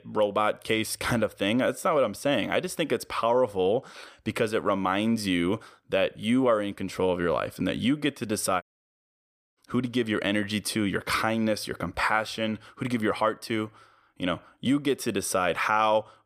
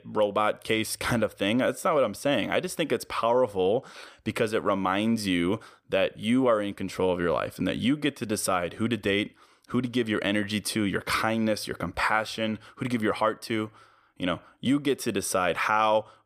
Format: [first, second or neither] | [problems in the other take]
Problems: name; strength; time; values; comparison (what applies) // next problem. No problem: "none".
second | audio cutting out; at 8.5 s for 1 s